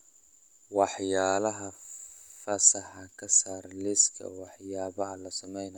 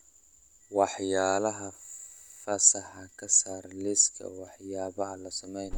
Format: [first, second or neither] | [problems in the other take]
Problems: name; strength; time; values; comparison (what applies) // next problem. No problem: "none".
first | background sound (Alarm); 19 dB below the speech